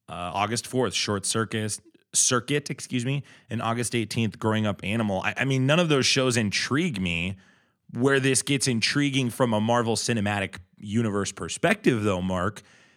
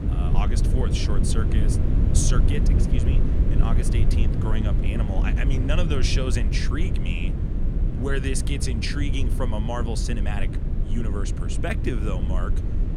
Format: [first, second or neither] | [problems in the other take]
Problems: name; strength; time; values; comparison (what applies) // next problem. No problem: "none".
first | low rumble; loud; throughout; 4 dB below the speech